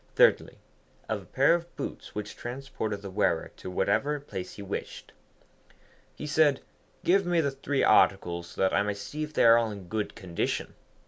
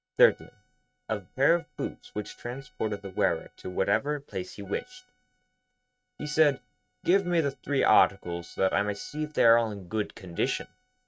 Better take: first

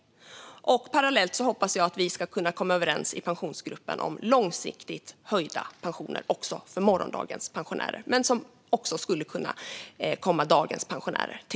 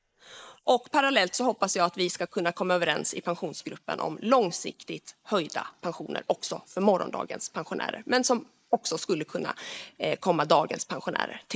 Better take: first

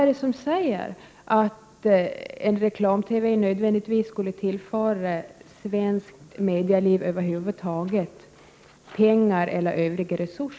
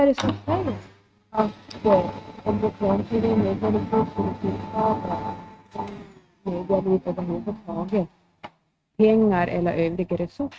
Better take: first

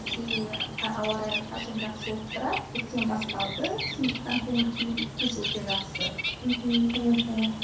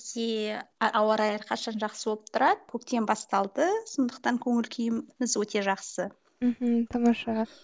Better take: second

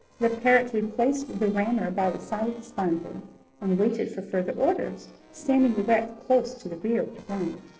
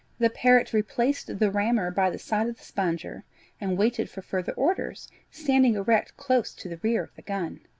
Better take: second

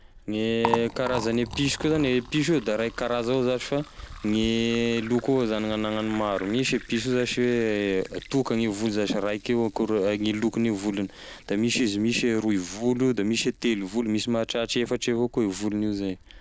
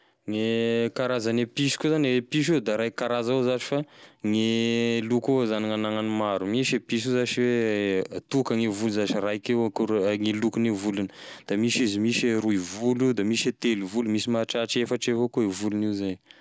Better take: second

